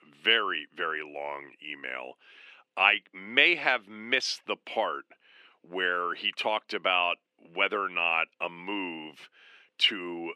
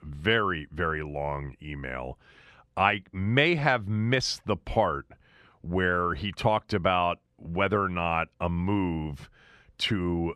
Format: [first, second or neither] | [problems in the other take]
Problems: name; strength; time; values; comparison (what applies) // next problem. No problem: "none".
second | thin; somewhat; fading below 300 Hz